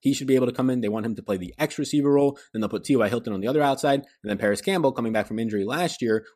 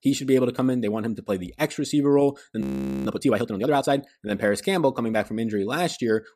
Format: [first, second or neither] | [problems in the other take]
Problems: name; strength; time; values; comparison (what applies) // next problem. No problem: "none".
first | audio freezing; at 2.5 s